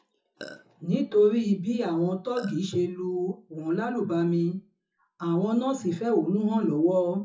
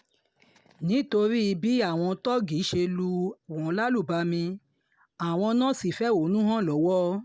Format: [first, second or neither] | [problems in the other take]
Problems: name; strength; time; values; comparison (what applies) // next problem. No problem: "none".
second | noise reduction (classical method WPE with log-MMSE)